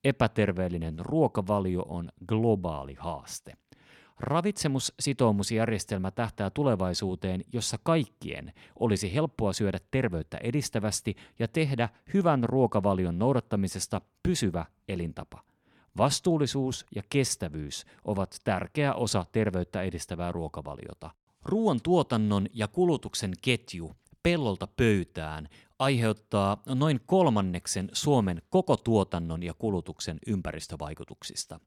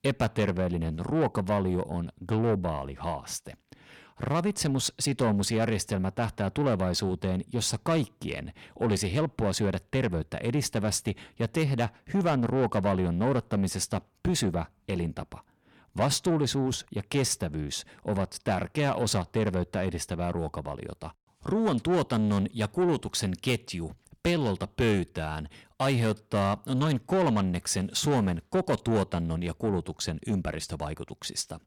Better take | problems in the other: first | distortion; slight; 10 dB below the speech

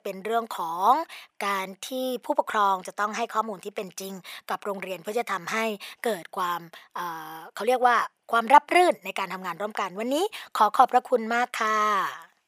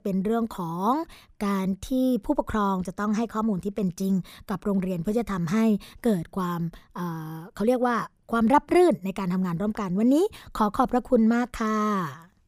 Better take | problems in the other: second | thin; very; fading below 600 Hz

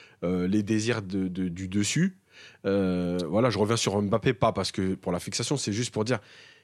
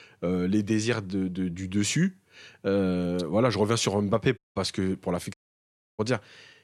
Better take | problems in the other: first | audio cutting out; at 4.5 s and at 5.5 s for 0.5 s

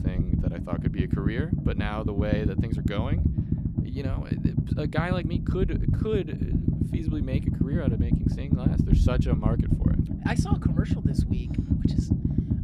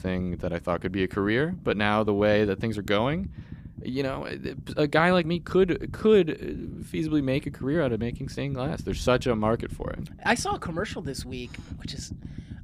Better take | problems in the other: second | low rumble; loud; throughout; as loud as the speech; faint in the second

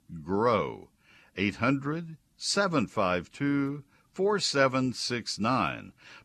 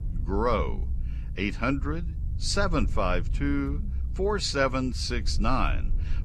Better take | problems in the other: first | low rumble; faint; throughout; 20 dB below the speech

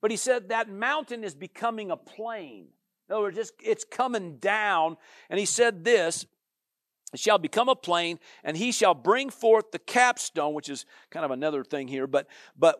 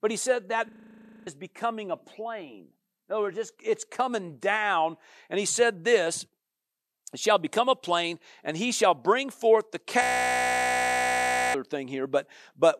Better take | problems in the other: first | audio freezing; at 0.5 s for 0.5 s and at 10 s for 1.5 s

